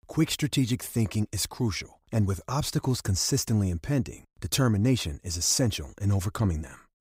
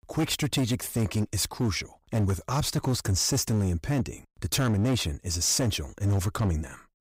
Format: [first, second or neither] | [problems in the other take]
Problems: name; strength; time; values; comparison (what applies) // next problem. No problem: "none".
first | distortion; slight; 13% of the sound clipped